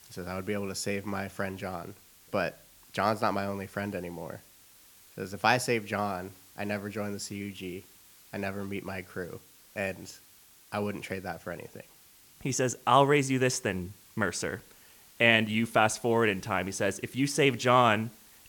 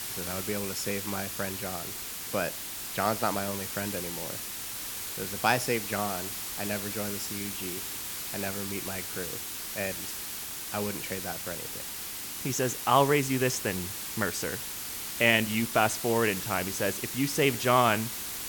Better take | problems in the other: first | hiss; loud; throughout; 4 dB below the speech; faint in the first

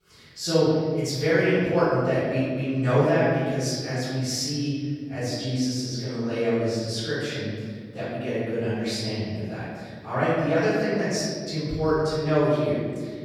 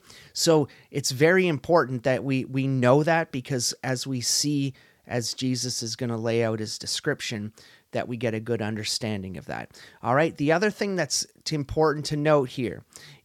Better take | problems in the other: second | off-mic speech; far // room echo; strong; dies away in 1.9 s

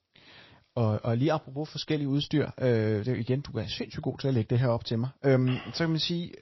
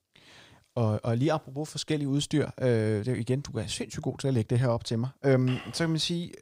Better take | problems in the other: second | garbled, watery; slightly; nothing above 5.5 kHz

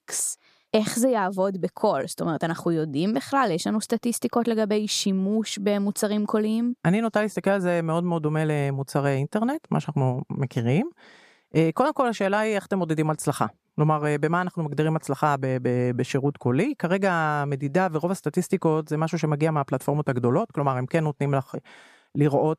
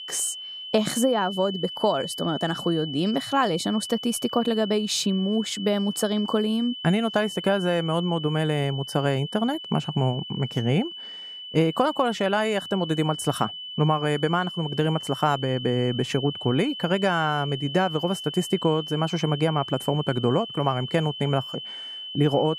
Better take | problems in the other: first | high-pitched whine; loud; throughout; 3 kHz, 9 dB below the speech

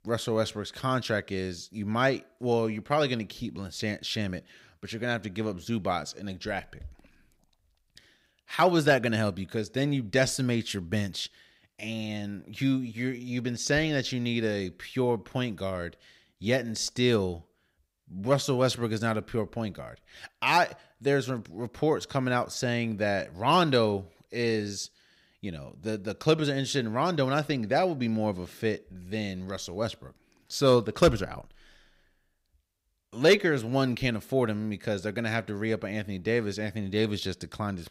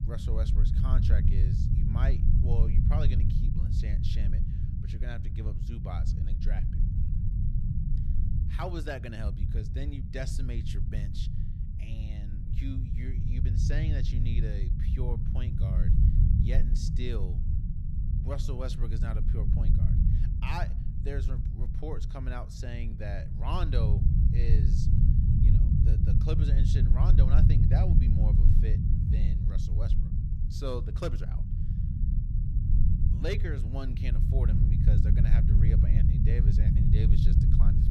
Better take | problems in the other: first | low rumble; loud; throughout; as loud as the speech

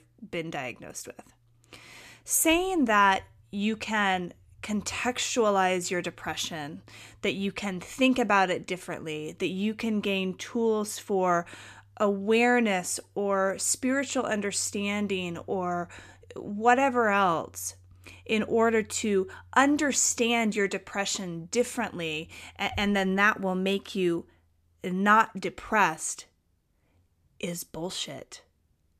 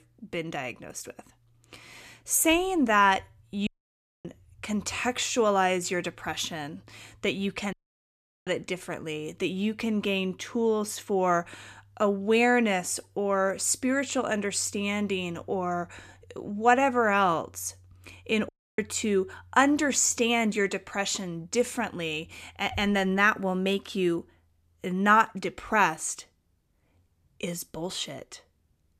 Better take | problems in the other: first | audio cutting out; at 3.5 s for 0.5 s, at 7.5 s for 0.5 s and at 18 s

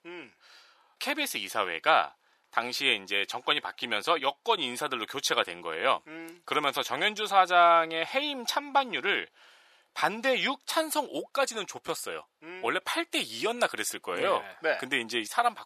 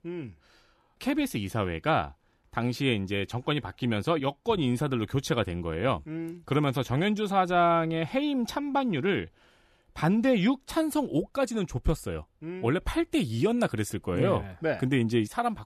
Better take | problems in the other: second | thin; very; fading below 750 Hz

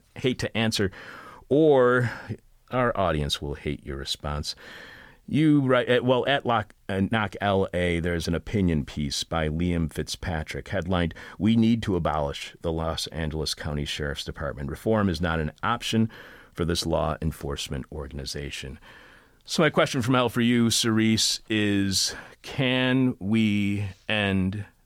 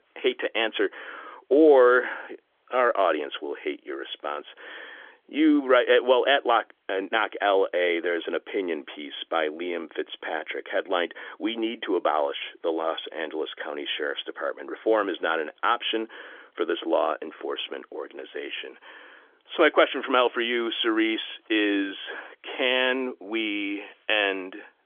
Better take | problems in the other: first | phone-call audio; nothing above 3.5 kHz

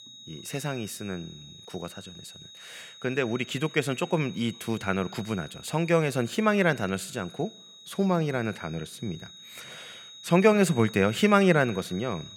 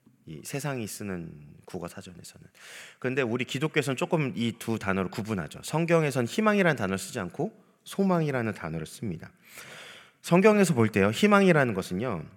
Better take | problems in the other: second | high-pitched whine; noticeable; throughout; 4 kHz, 20 dB below the speech

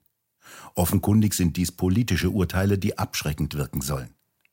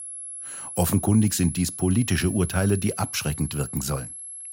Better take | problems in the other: first | high-pitched whine; loud; throughout; 11 kHz, 9 dB below the speech

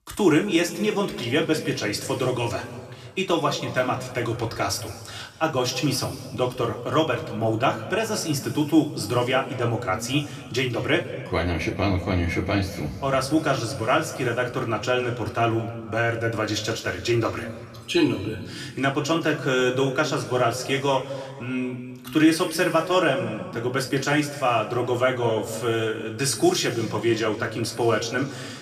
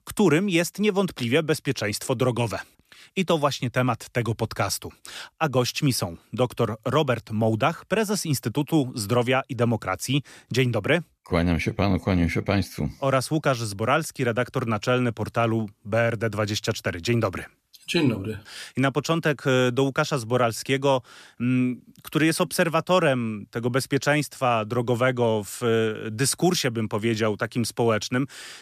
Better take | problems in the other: second | room echo; slight; dies away in 1.7 s // off-mic speech; somewhat distant

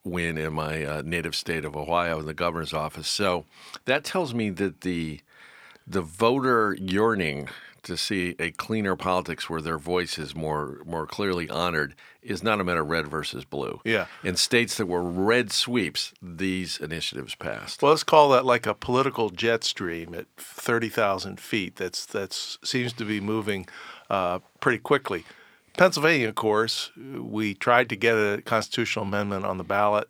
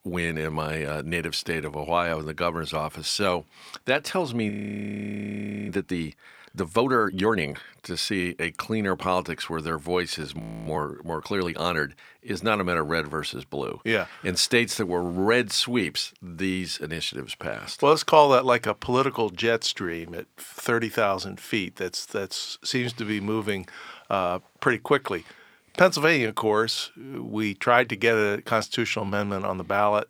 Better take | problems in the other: first | audio freezing; at 4.5 s for 1 s and at 10 s

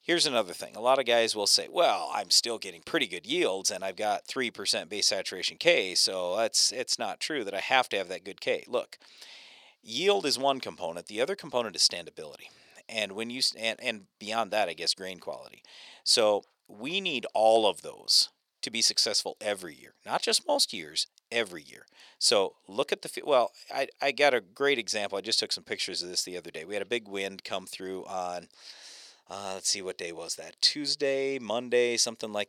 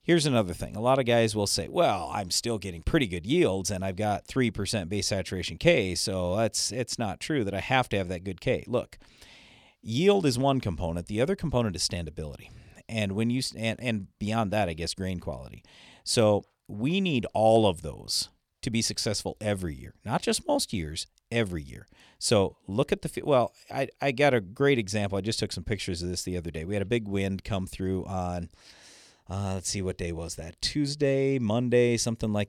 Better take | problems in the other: second | thin; somewhat; fading below 450 Hz

